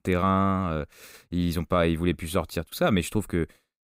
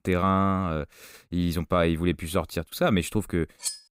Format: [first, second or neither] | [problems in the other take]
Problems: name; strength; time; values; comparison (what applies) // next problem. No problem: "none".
first | clattering dishes; noticeable; at 3.5 s; peak 6 dB below the speech